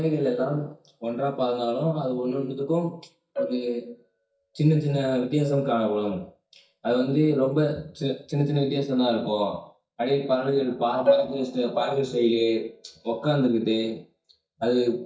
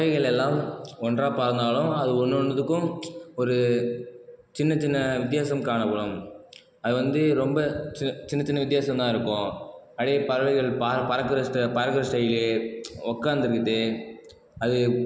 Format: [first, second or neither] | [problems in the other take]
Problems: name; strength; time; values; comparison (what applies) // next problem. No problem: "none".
second | noise reduction (neural mask model DeepFilterNet 3)